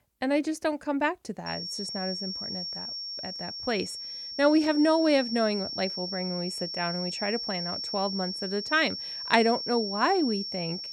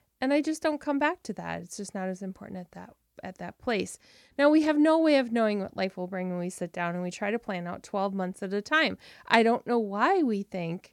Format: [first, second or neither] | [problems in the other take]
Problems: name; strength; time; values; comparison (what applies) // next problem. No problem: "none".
second | high-pitched whine; loud; from 1.5 s on; 5.5 kHz, 5 dB below the speech